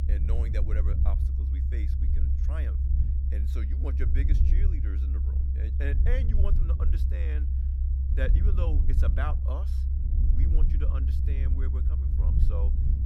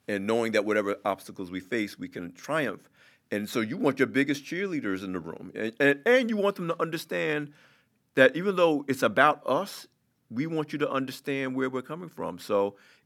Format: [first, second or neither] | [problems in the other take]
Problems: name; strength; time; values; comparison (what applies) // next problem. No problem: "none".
second | low rumble; loud; throughout; 3 dB below the speech